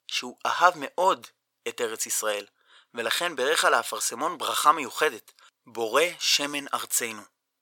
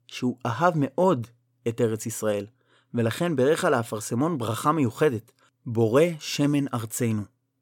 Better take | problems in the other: second | thin; very; fading below 900 Hz

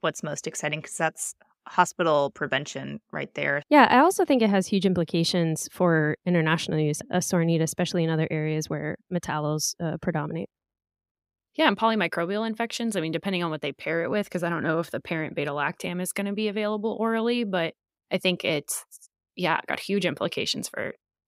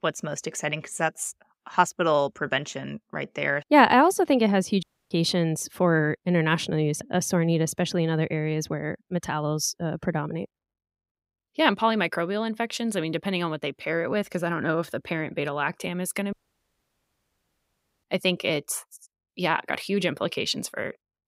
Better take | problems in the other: first | audio cutting out; at 5 s and at 16 s for 1.5 s

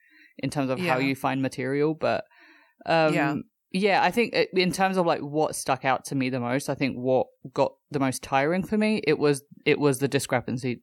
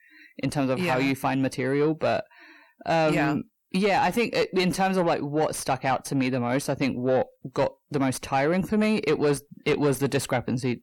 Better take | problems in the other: first | distortion; slight; 10 dB below the speech

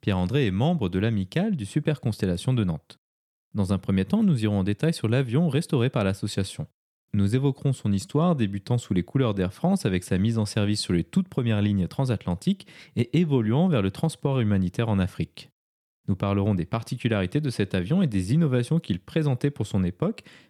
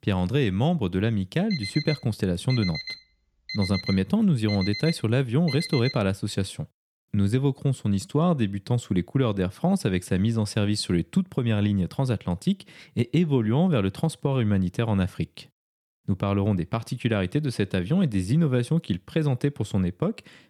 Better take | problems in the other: first | alarm; noticeable; from 1.5 to 6 s; peak 7 dB below the speech

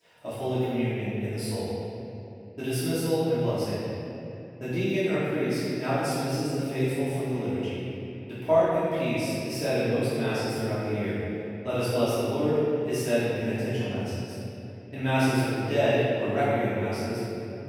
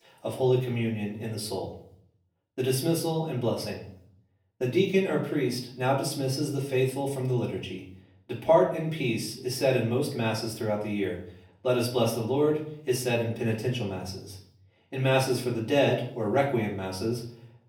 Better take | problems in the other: second | room echo; strong; dies away in 2.7 s; slight in the second // off-mic speech; far; far in the second

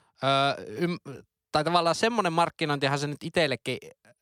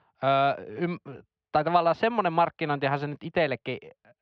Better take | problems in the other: first | muffled; slightly; fading above 3 kHz

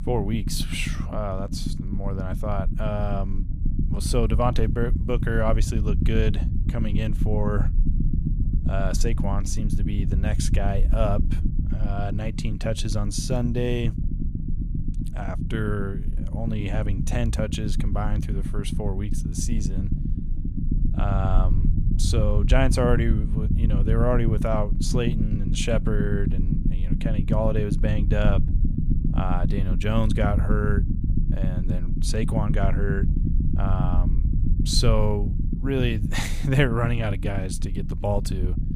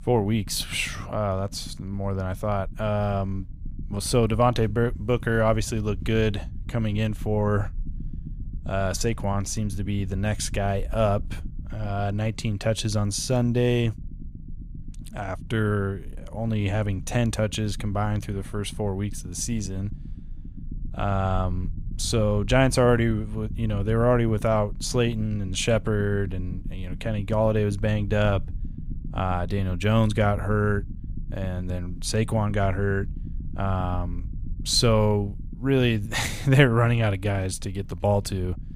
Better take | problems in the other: second | low rumble; loud; throughout; 8 dB below the speech; faint in the second

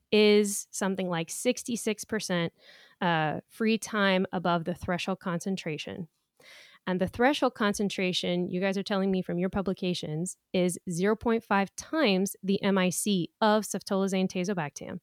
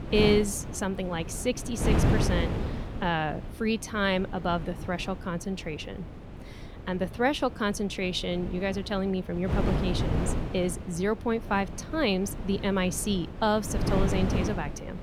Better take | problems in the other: first | wind noise on the microphone; heavy; 8 dB below the speech

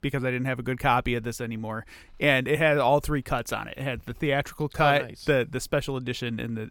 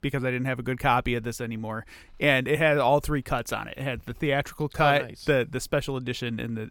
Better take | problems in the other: neither | none

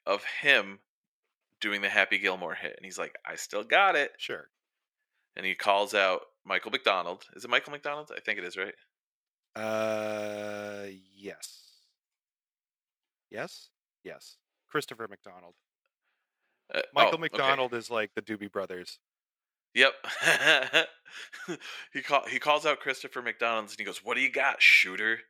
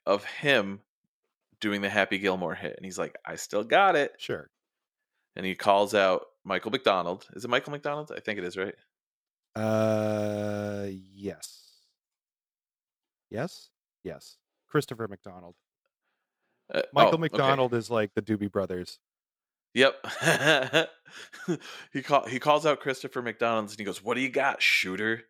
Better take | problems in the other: second | thin; somewhat; fading below 1 kHz

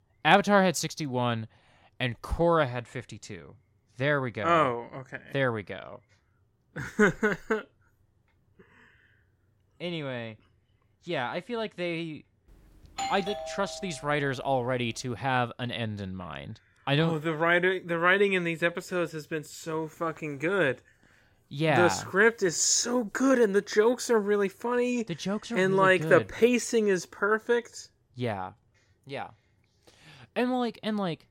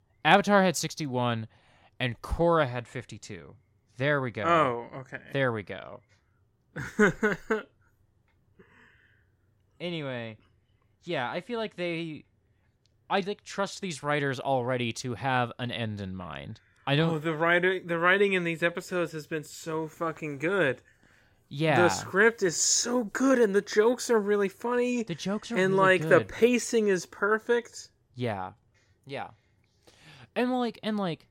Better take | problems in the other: second | doorbell; noticeable; from 13 to 14 s; peak 7 dB below the speech

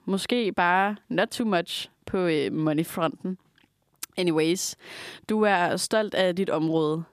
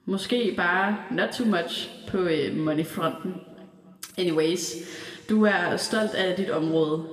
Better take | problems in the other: first | room echo; slight; dies away in 1.6 s

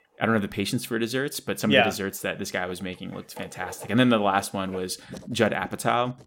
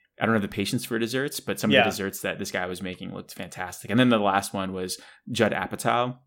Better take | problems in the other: second | household noises; faint; throughout; 20 dB below the speech

